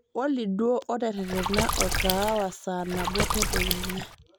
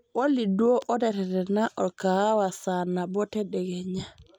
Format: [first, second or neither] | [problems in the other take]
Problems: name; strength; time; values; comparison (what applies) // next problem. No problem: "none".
second | background sound (Water / Splash, splatter); as loud as the speech